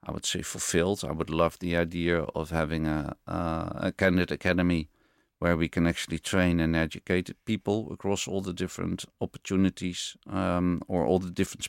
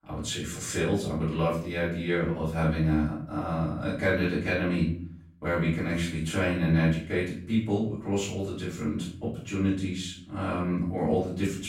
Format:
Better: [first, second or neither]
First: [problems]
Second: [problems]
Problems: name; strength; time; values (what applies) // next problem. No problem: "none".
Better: first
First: none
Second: off-mic speech; far // room echo; noticeable; dies away in 0.6 s